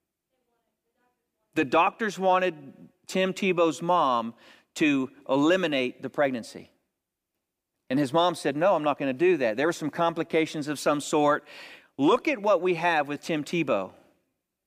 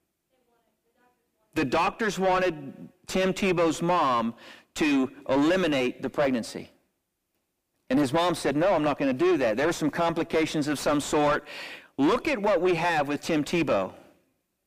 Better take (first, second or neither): first